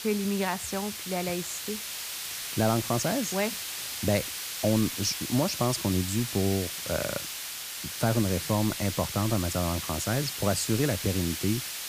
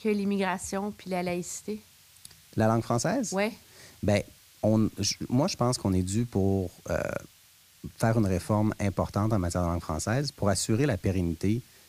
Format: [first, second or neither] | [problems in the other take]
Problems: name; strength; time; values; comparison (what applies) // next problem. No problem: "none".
second | hiss; loud; throughout; 4 dB below the speech; faint in the second